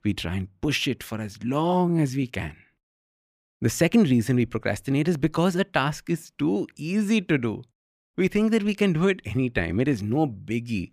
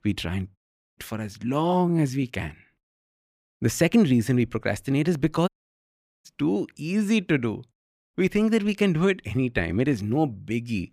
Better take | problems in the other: first | audio cutting out; at 0.5 s and at 5.5 s for 1 s

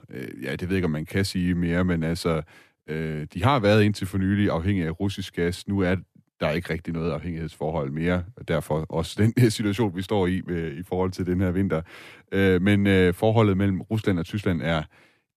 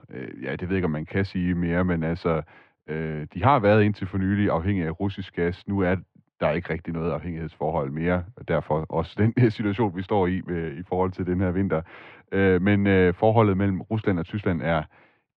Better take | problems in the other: first | muffled; very; fading above 3 kHz

